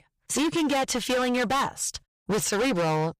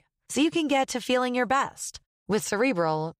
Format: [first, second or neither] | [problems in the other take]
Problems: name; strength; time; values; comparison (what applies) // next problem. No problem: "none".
second | distortion; heavy; 26% of the sound clipped